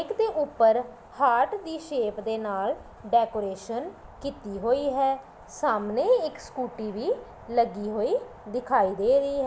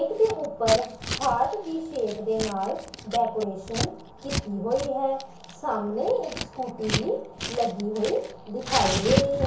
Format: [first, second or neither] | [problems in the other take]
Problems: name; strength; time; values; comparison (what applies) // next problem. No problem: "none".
first | background sound (Scissors); 6 dB below the speech // room echo; dies away in 0.7 s